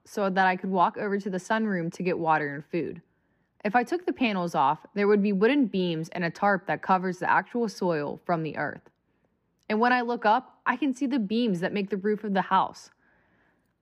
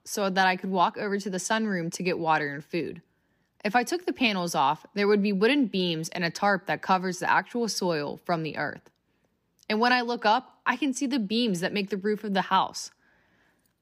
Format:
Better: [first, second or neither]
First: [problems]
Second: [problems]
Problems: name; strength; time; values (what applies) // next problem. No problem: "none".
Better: second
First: muffled; slightly; fading above 3 kHz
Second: none